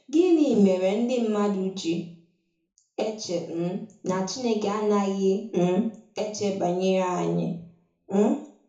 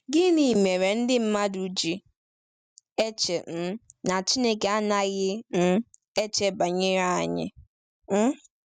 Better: second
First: room echo; dies away in 0.7 s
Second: none

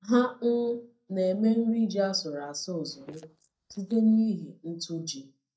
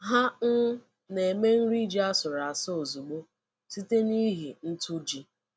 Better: second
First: noise reduction (neural mask model DeepFilterNet 3)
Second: none

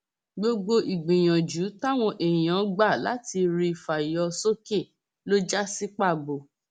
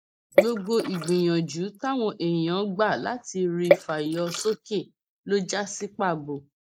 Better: first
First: none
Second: noise reduction (neural mask model Resemble Enhance denoiser)

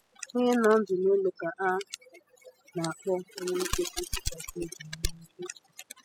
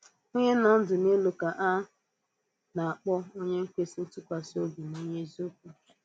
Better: second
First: noise reduction (classical method spectral subtraction)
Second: none

